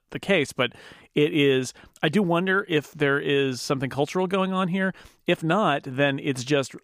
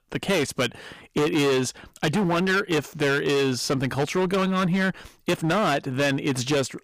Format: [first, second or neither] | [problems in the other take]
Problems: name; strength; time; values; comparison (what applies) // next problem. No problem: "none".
first | distortion; heavy; 19% of the sound clipped